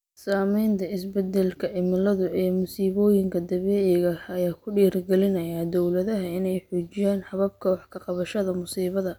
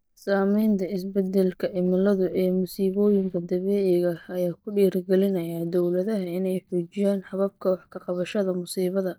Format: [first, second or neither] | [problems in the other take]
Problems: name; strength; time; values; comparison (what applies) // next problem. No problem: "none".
first | noise reduction (neural mask model DeepFilterNet 3)